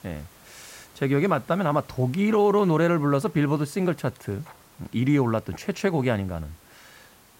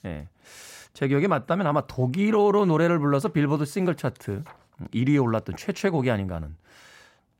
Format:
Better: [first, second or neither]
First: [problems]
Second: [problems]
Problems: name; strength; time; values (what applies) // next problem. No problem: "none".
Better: second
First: hiss; faint; throughout; 30 dB below the speech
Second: none